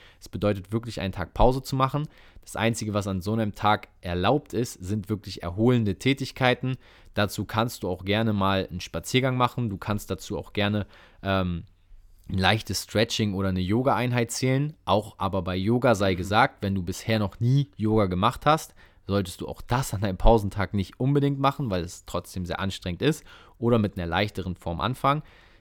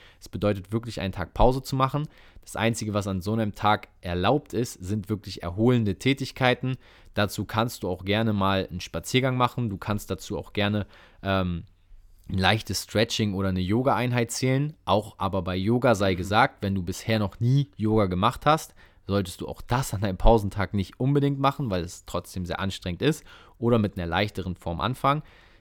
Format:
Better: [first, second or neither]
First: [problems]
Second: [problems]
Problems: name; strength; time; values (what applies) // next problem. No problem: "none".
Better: neither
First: none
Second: none